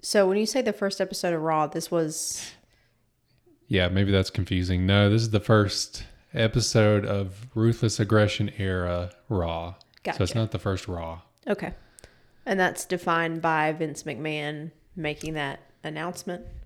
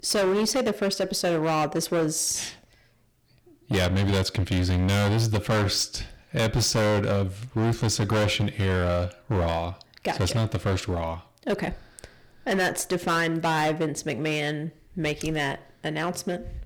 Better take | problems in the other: first | distortion; heavy; 17% of the sound clipped

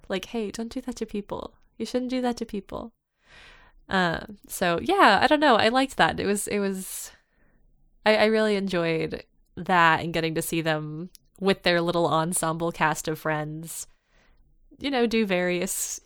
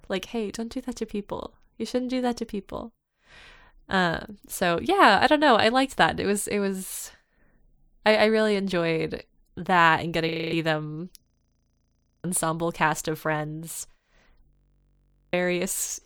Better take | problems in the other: first | audio freezing; at 10 s, at 11 s for 1 s and at 15 s for 1 s

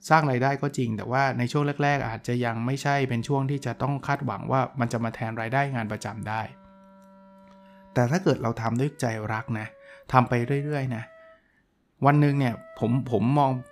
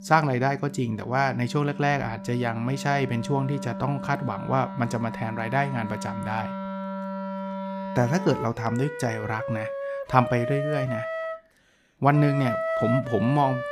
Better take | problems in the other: first | background music; loud; throughout; 7 dB below the speech; faint in the first

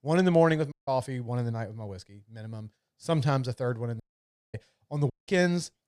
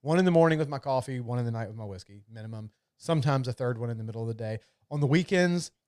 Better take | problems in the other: second | audio cutting out; at 0.5 s, at 4 s for 0.5 s and at 5 s

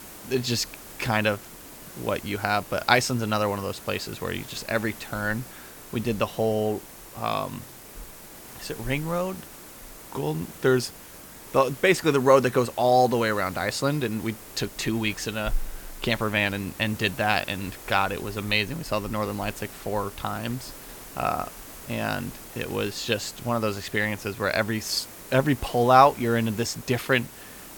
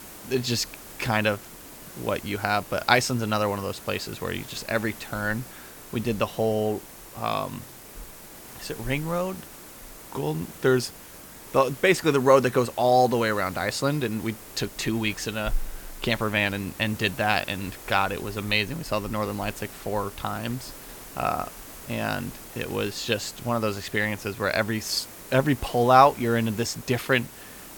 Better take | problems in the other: neither | hiss; noticeable; throughout; 15 dB below the speech; the same in both

